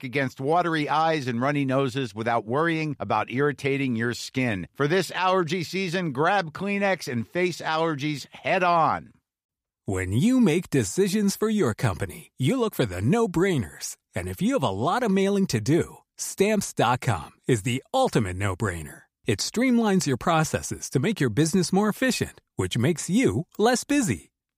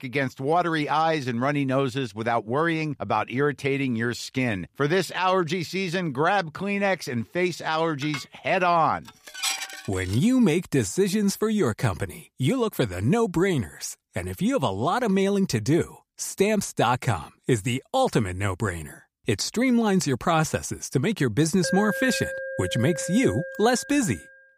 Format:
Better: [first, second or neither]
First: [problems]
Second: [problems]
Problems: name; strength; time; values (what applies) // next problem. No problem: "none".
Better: first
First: none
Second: clattering dishes; noticeable; from 8 to 10 s; peak 2 dB below the speech // alarm; noticeable; from 22 s on; peak 4 dB below the speech